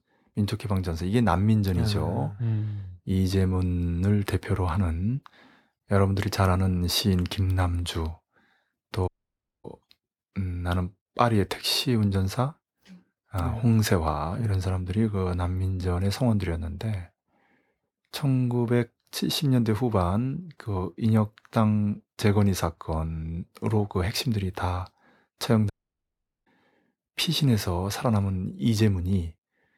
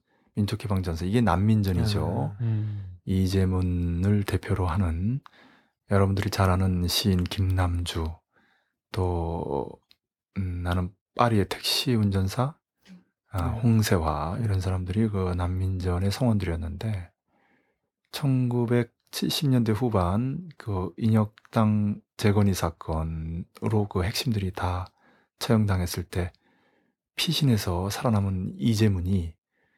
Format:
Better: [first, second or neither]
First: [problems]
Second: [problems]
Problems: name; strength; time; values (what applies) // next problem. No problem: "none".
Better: second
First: audio cutting out; at 9 s for 0.5 s and at 26 s for 1 s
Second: none